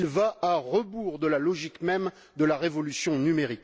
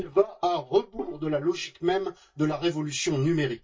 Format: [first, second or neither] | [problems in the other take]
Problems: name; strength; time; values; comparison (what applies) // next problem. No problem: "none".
first | noise reduction (neural mask model DeepFilterNet 3)